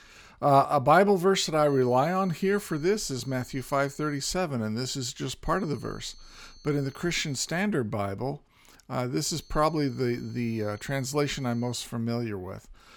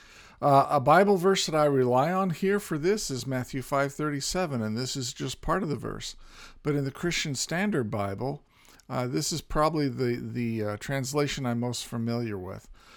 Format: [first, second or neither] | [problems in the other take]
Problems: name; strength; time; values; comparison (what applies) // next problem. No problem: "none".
second | high-pitched whine; faint; from 1.5 to 4.5 s, from 5.5 to 7.5 s and from 9 to 12 s; 4.5 kHz, 25 dB below the speech